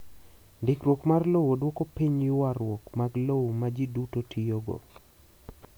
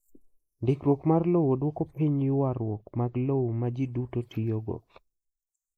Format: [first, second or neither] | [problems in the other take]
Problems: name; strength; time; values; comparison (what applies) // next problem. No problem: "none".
first | noise reduction (neural mask model Resemble Enhance denoiser)